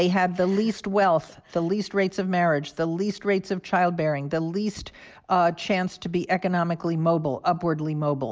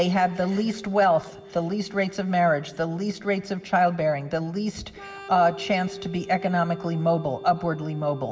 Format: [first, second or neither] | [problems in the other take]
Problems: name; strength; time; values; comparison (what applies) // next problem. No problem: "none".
first | background sound (Organ); 18 dB below the speech // room echo; dies away in 1.5 s